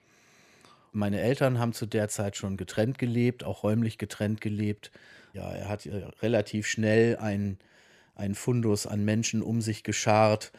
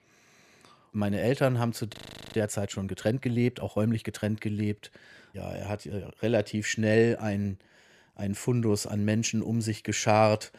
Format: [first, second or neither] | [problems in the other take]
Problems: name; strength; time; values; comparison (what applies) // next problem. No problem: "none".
first | audio freezing; at 2 s